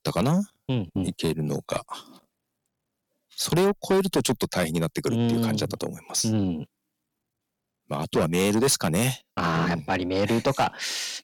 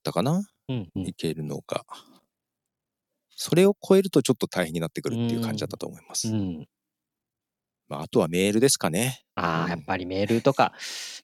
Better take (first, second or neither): second